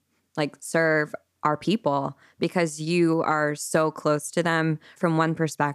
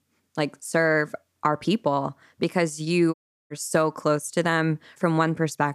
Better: first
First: none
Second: audio cutting out; at 3 s

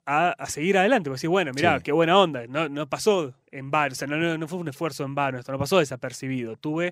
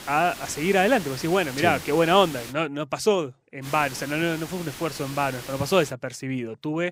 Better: first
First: none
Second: hiss; noticeable; until 2.5 s and from 3.5 to 6 s; 15 dB below the speech

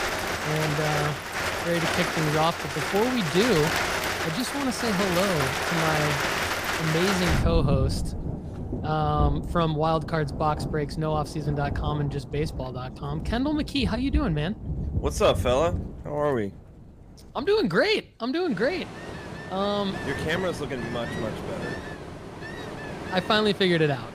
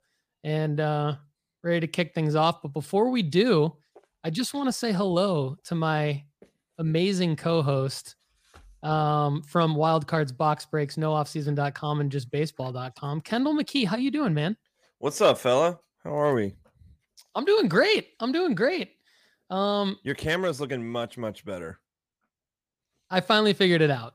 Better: second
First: rain or running water; loud; throughout; 3 dB below the speech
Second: none

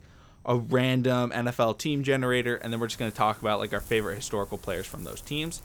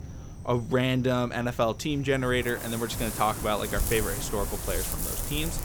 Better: first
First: rain or running water; faint; throughout; 20 dB below the speech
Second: rain or running water; loud; throughout; 6 dB below the speech

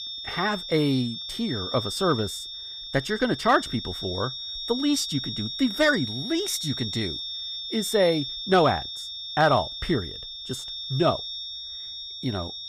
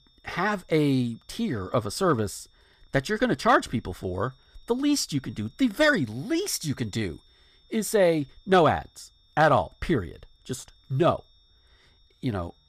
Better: second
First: high-pitched whine; loud; throughout; 3.5 kHz, 6 dB below the speech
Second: high-pitched whine; faint; throughout; 3.5 kHz, 35 dB below the speech

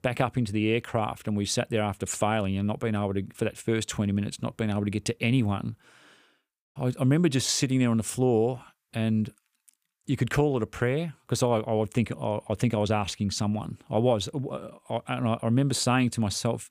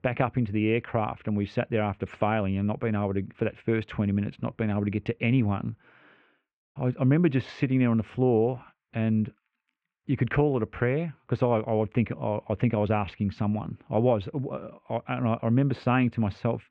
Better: first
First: none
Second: muffled; very; fading above 2.5 kHz

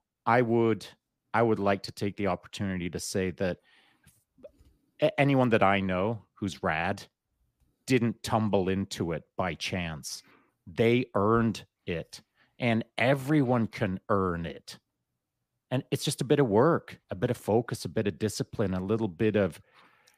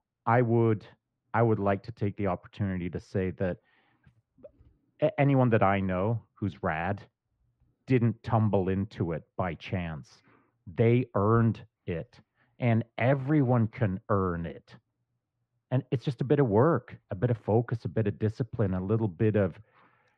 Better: first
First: none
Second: muffled; very; fading above 2 kHz

